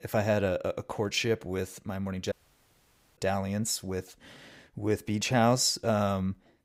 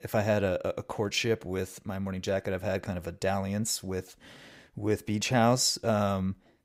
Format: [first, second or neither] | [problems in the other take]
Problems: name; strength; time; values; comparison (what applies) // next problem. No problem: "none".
second | audio cutting out; at 2.5 s for 1 s